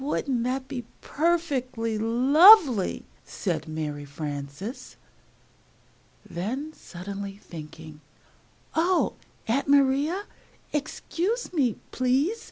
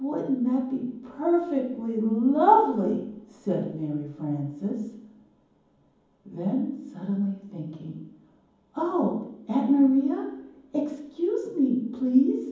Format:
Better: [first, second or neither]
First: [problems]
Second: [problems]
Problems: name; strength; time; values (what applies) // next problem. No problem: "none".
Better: first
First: none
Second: room echo; dies away in 1.2 s